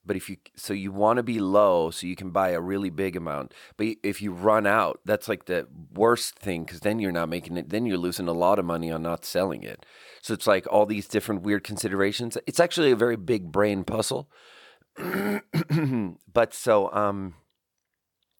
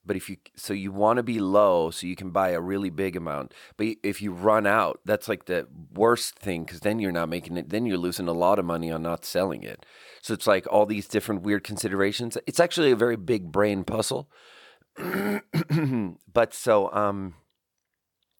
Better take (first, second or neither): neither